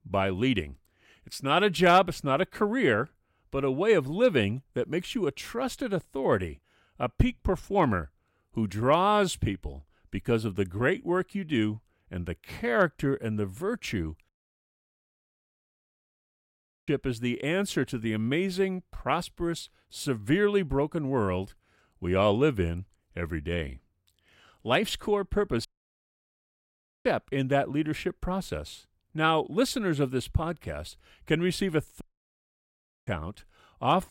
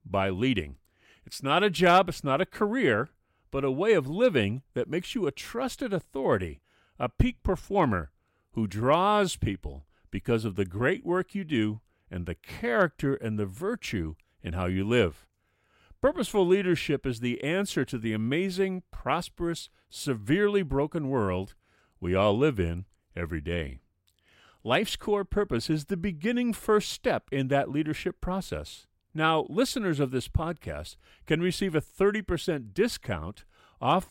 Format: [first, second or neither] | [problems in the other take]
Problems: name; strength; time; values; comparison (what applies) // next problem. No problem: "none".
second | audio cutting out; at 14 s for 2.5 s, at 26 s for 1.5 s and at 32 s for 1 s